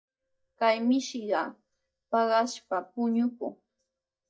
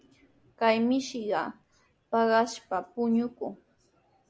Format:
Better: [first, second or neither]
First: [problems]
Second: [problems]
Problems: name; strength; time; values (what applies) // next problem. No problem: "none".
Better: second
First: noise reduction (neural mask model DeepFilterNet 3)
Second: none